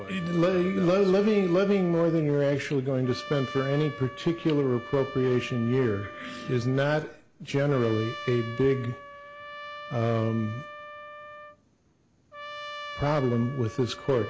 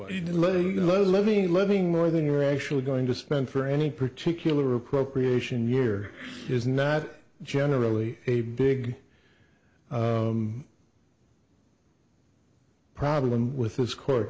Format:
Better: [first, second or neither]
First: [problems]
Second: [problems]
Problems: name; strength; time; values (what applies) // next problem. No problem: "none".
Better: second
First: background sound (Trumpet); 15 dB below the speech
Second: none